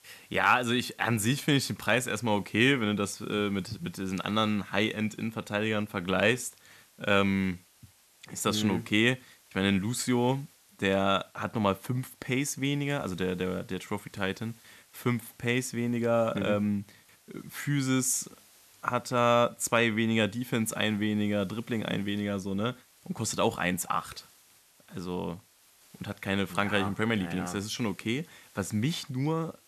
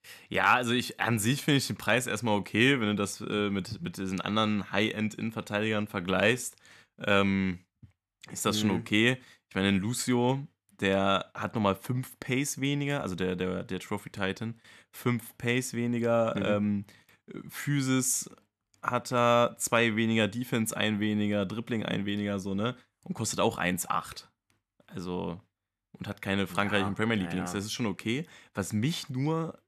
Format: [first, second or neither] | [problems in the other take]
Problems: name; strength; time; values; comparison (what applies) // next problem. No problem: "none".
second | hiss; faint; throughout; 30 dB below the speech